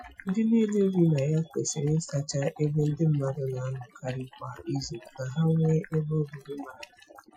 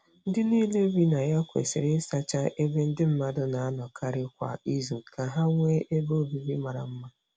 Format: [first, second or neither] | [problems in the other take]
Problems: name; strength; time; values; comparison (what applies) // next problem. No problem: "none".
second | noise reduction (classical method Wiener filter)